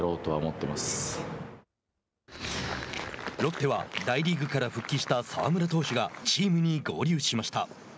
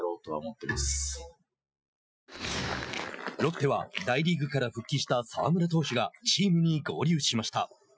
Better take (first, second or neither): first